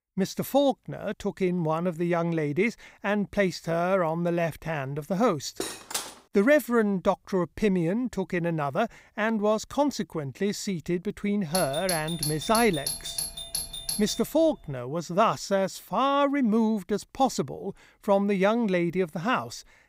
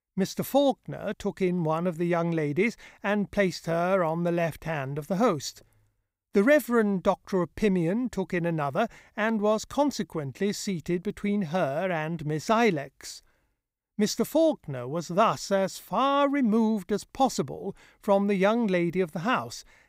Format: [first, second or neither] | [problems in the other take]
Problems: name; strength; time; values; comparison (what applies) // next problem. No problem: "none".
second | clattering dishes; noticeable; at 5.5 s; peak 5 dB below the speech // doorbell; noticeable; from 12 to 14 s; peak 3 dB below the speech